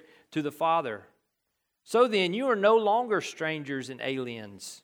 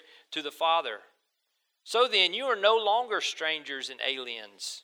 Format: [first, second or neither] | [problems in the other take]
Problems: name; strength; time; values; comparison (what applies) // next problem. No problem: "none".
first | thin; somewhat; fading below 550 Hz